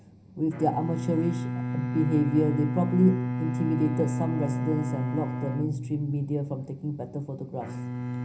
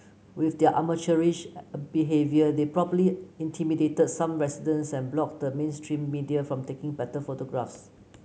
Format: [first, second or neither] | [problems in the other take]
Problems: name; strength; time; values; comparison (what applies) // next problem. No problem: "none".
second | background sound (Bowed string instrument); 3 dB below the speech // room echo; dies away in 0.4 s